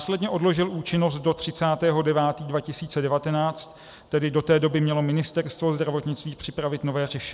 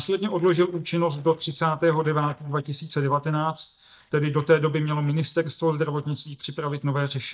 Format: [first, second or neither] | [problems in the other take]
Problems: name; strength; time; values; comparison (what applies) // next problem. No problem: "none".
first | noise reduction (neural mask model DeepFilterNet 3)